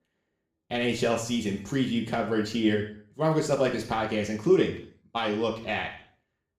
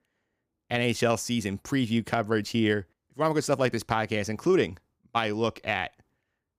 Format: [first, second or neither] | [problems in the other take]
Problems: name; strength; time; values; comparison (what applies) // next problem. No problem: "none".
second | room echo; slight; dies away in 0.5 s // off-mic speech; somewhat distant